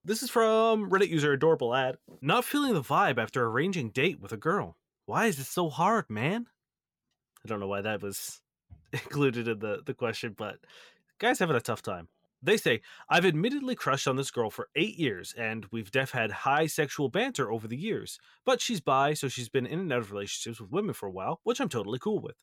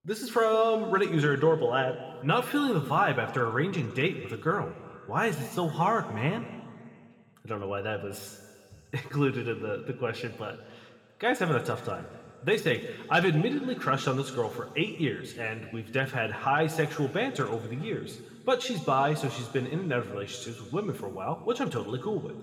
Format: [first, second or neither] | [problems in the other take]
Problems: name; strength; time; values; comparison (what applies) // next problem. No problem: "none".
first | room echo; slight; dies away in 2.1 s